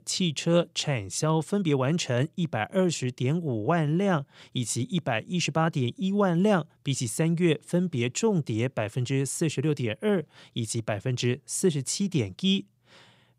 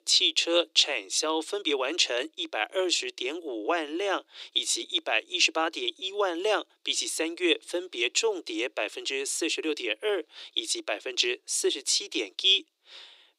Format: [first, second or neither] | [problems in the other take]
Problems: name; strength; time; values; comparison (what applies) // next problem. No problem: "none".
first | thin; very; fading below 300 Hz